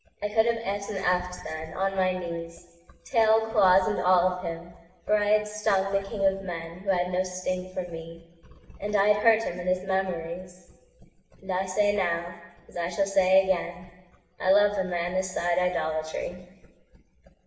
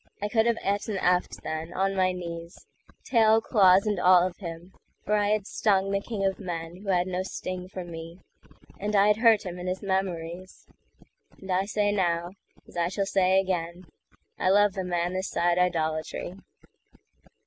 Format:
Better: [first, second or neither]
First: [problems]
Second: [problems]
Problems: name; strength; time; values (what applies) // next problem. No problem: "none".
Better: second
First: room echo; dies away in 1.1 s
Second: none